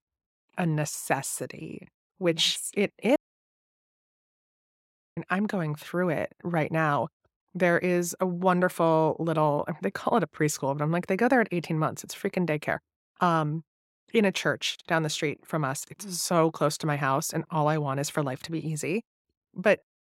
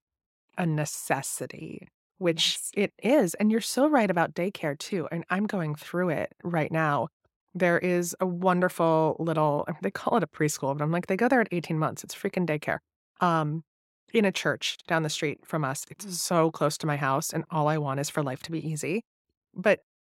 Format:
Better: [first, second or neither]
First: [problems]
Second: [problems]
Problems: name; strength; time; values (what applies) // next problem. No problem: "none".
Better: second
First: audio cutting out; at 3 s for 2 s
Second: none